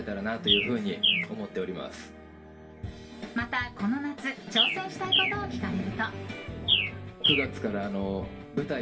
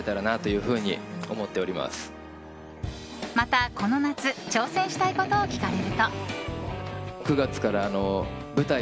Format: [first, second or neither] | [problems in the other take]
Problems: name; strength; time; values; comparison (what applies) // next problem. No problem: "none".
second | background sound (Bird); 2 dB above the speech // room echo; dies away in 0.2 s